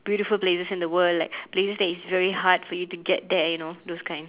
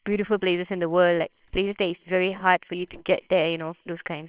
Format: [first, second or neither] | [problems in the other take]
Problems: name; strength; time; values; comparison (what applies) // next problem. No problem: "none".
first | noise reduction (neural separator model SepFormer WHAMR!)